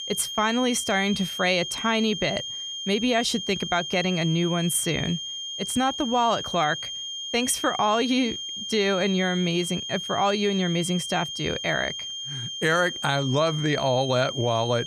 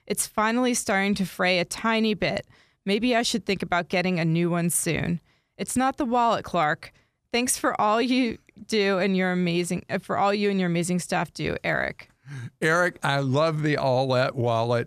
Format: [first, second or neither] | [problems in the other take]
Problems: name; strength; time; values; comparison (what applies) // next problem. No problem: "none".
second | high-pitched whine; loud; throughout; 3 kHz, 6 dB below the speech